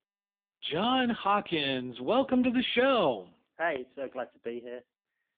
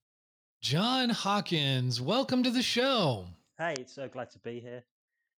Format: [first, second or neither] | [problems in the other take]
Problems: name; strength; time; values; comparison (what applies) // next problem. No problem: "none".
second | phone-call audio; poor line